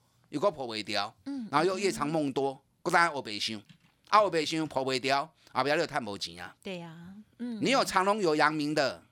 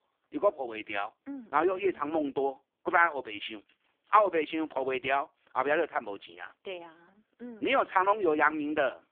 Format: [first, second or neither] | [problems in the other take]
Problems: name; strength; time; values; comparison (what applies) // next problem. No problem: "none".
first | phone-call audio; poor line